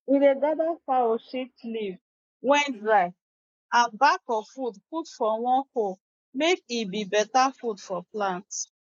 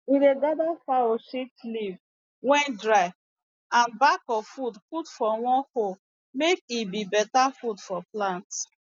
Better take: second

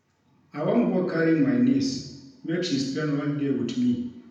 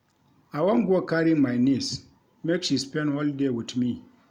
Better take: second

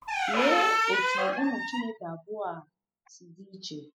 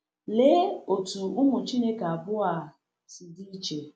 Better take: second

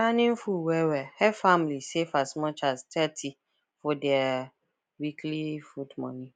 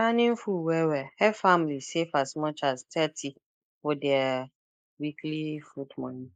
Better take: first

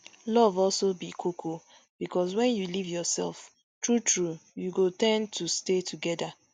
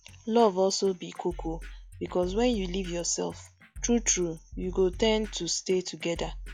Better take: first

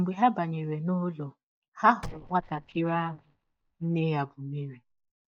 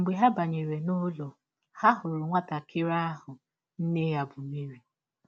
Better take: second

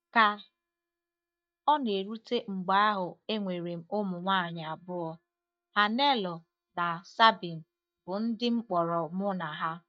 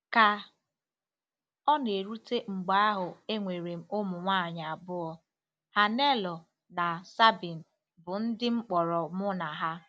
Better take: second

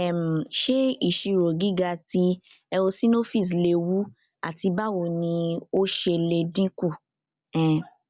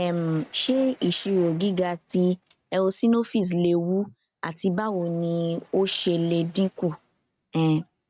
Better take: first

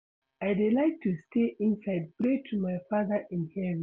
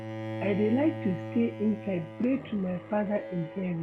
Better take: first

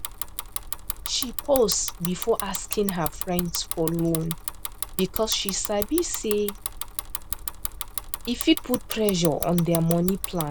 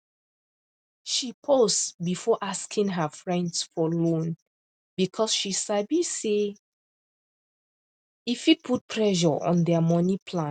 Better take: second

